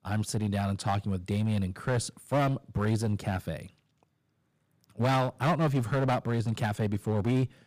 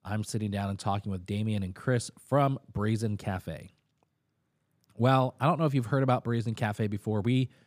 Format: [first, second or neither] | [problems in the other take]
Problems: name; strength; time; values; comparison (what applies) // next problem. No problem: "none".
second | distortion; heavy; 8% of the sound clipped